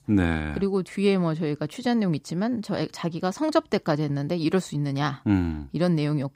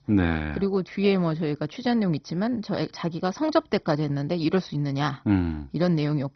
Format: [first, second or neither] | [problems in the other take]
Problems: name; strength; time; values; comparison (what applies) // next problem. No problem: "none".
first | garbled, watery; badly; nothing above 6 kHz